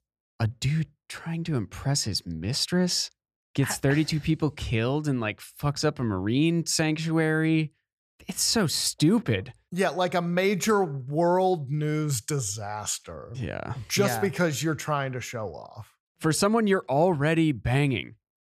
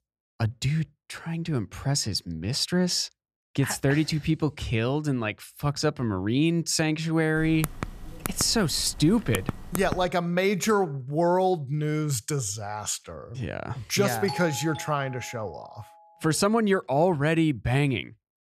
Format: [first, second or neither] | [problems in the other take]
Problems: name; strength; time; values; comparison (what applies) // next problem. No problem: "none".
first | keyboard typing; noticeable; from 7.5 to 10 s; peak 8 dB below the speech // doorbell; noticeable; from 14 to 16 s; peak 9 dB below the speech